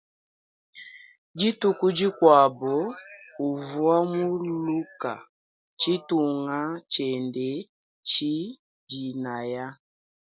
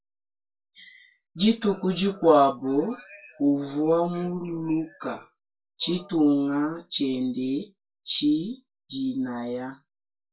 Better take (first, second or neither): first